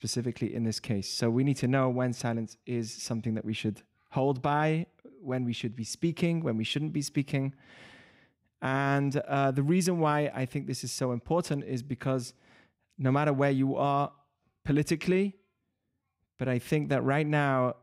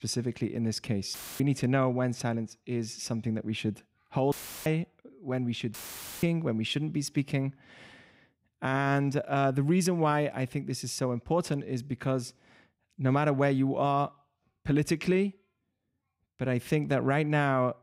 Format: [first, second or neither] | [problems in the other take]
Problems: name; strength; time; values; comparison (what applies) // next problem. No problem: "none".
first | audio cutting out; filled with static; at 1 s, at 4.5 s and at 5.5 s